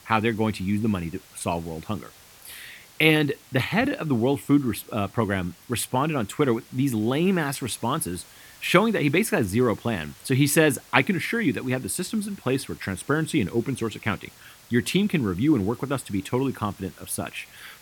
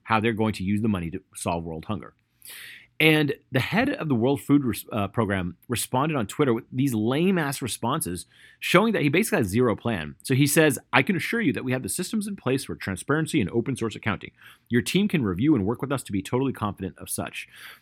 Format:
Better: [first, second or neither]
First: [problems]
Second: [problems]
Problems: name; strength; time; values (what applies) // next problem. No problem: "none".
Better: second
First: hiss; faint; throughout; 25 dB below the speech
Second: none